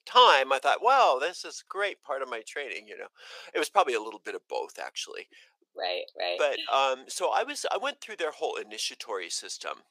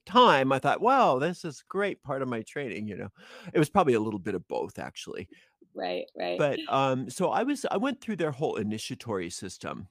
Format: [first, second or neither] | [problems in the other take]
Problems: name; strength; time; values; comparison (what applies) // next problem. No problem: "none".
second | thin; very; fading below 450 Hz